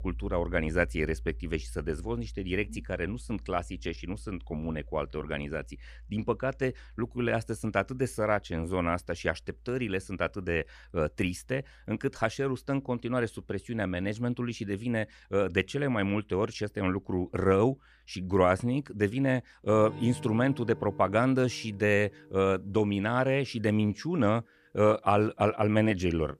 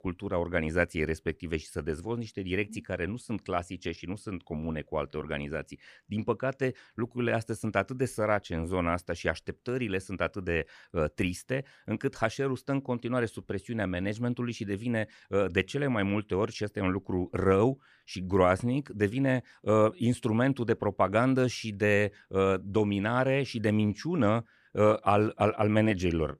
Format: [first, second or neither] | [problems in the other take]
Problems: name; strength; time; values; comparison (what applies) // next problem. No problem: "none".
second | background music; noticeable; throughout; 15 dB below the speech